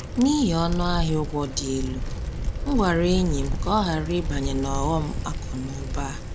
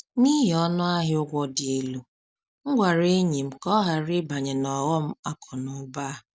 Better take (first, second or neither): second